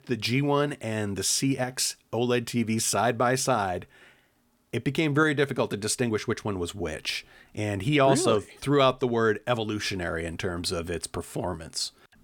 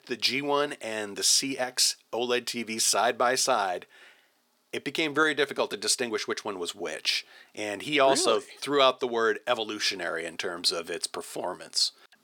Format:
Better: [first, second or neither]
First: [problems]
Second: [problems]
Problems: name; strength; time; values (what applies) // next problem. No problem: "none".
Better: first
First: none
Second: thin; somewhat; fading below 400 Hz